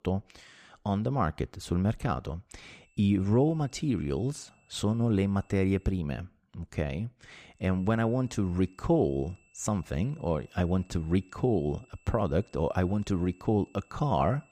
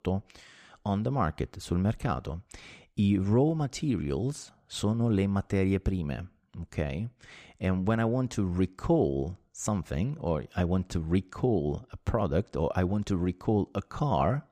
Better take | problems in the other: second | high-pitched whine; faint; from 3 to 6 s and from 7.5 s on; 2.5 kHz, 35 dB below the speech

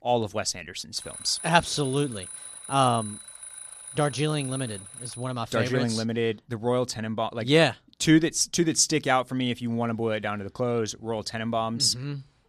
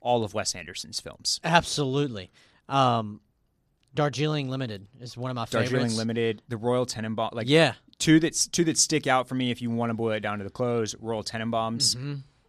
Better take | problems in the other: second | alarm; noticeable; from 1 to 5.5 s; peak 9 dB below the speech

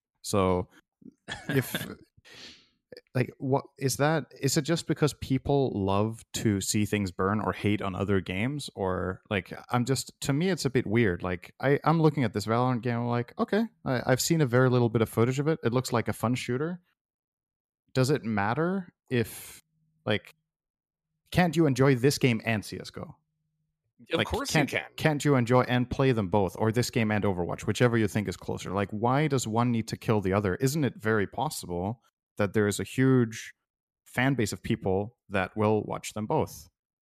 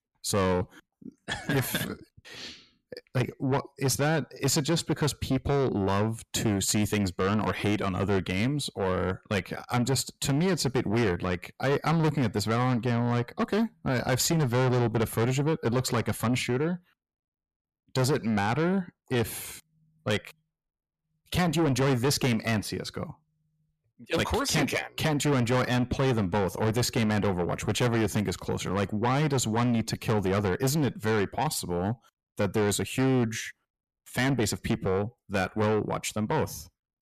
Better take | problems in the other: first | distortion; heavy; 6 dB below the speech

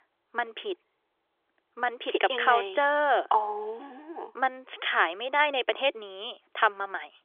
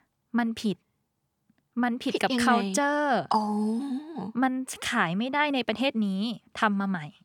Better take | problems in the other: second | phone-call audio; nothing above 3.5 kHz

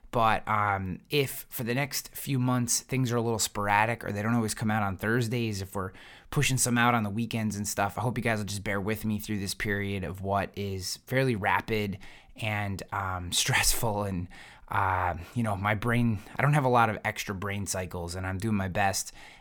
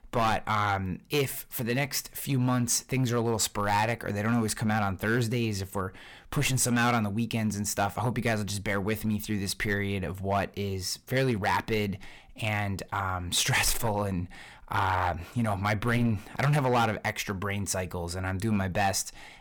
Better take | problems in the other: first | distortion; slight; 5% of the sound clipped

